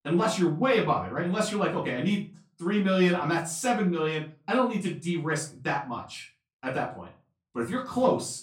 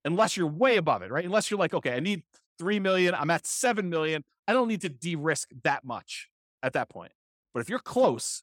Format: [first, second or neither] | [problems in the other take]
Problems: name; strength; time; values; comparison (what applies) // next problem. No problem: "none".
second | off-mic speech; far // room echo; slight; dies away in 0.3 s